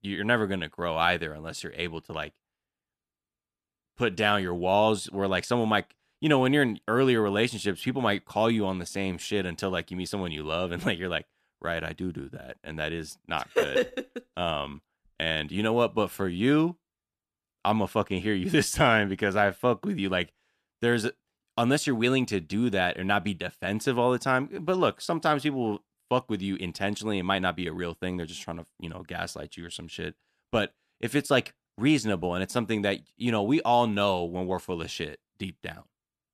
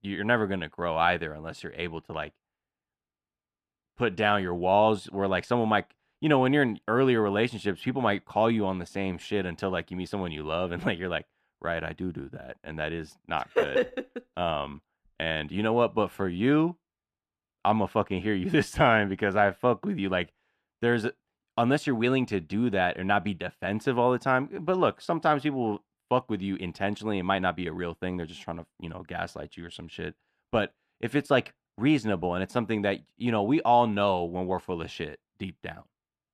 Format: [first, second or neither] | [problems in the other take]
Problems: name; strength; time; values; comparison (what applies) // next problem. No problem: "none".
first | muffled; slightly; fading above 4 kHz